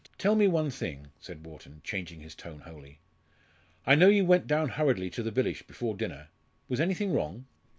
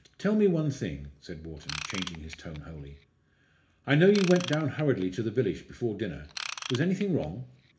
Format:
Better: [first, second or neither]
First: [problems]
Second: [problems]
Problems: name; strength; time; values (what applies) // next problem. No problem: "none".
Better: first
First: none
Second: background sound (Ratchet, pawl / Tools); 12 dB below the speech // room echo; dies away in 0.4 s